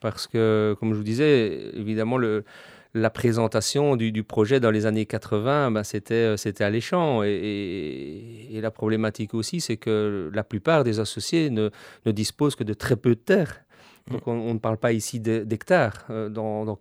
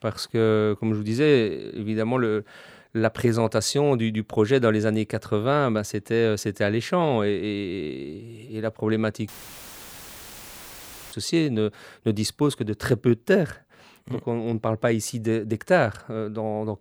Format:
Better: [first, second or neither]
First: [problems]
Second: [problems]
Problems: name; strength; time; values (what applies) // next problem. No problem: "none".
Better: first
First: none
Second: audio cutting out; filled with static; at 9.5 s for 2 s